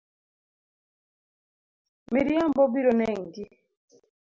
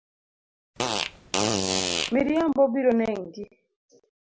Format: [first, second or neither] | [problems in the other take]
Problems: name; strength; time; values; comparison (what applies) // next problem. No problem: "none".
first | background sound (Fart); as loud as the speech